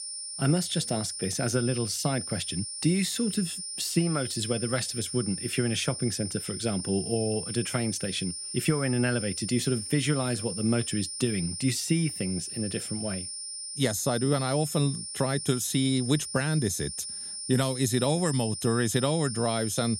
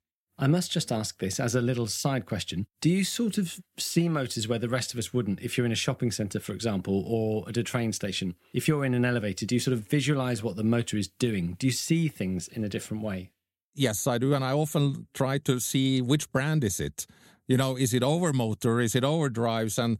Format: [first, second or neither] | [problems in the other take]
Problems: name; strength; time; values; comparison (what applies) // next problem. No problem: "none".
second | high-pitched whine; loud; throughout; 9 kHz, 6 dB below the speech